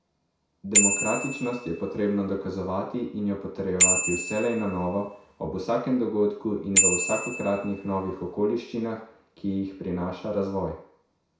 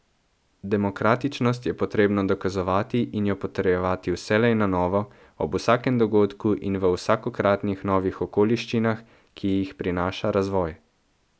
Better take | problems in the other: second | background sound (Bicycle bell); as loud as the speech // room echo; dies away in 0.6 s

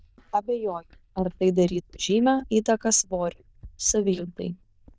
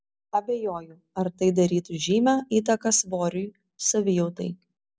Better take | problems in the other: second | noise reduction (neural diffusion model UNIVERSE++)

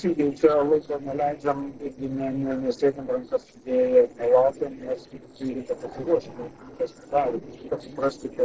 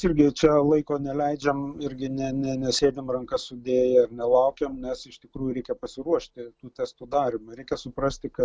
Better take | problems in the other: second | noise reduction (neural separator model SepFormer DNS4)

